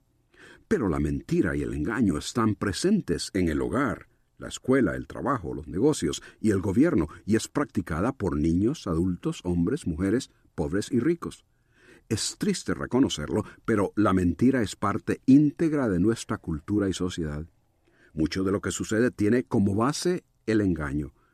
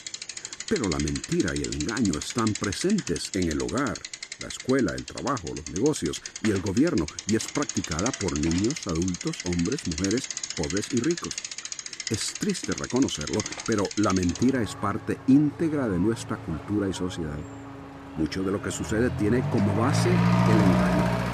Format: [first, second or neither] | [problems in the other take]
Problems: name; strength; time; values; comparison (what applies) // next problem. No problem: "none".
first | traffic noise; loud; throughout; 4 dB below the speech